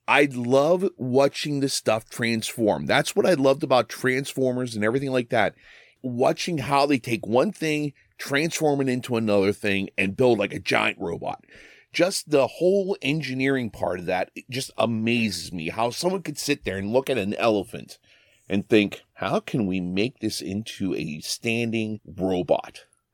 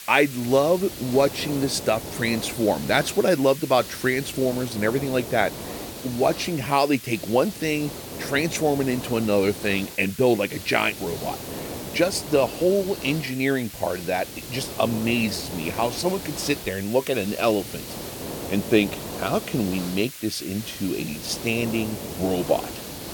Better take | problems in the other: first | hiss; noticeable; throughout; 10 dB below the speech

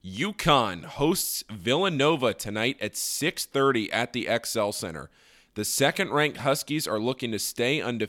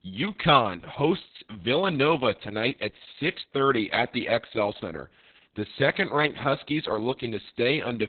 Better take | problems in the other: first | garbled, watery; badly; nothing above 4 kHz

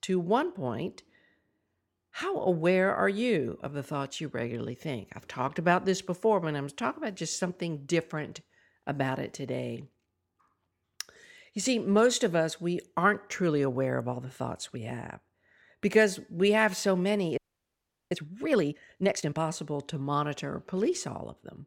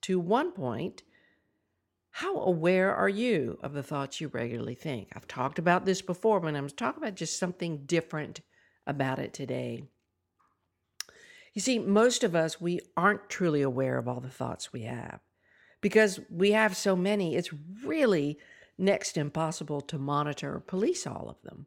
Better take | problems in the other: second | audio freezing; at 17 s for 0.5 s

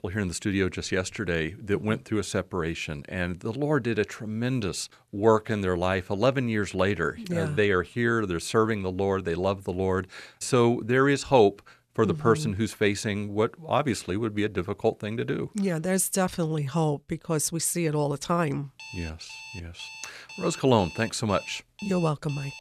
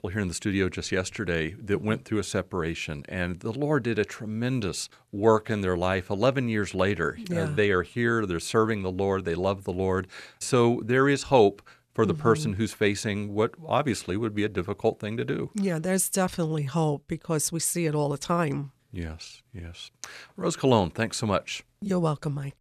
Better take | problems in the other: second | alarm; faint; from 19 s on; peak 15 dB below the speech

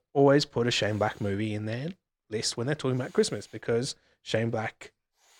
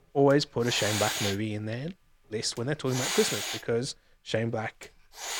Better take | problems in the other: first | hiss; loud; throughout; 2 dB below the speech; faint in the first

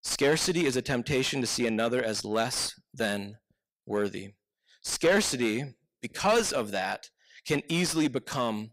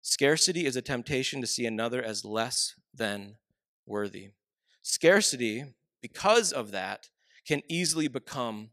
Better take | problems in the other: second | distortion; heavy; 7 dB below the speech

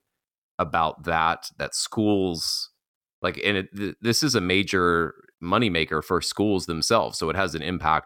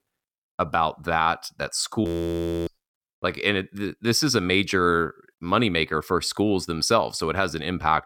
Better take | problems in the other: first | audio freezing; at 2 s for 0.5 s

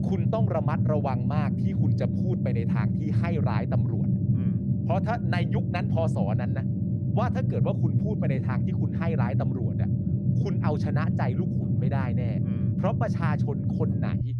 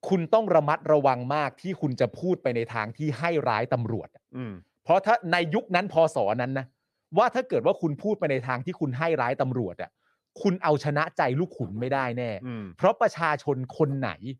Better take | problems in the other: second | low rumble; loud; throughout; 2 dB below the speech

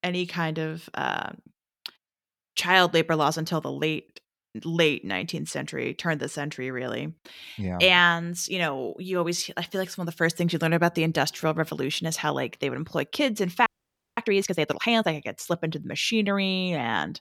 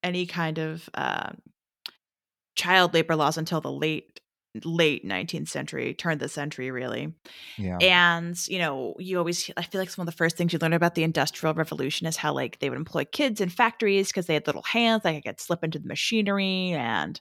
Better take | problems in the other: second | audio freezing; at 14 s for 0.5 s

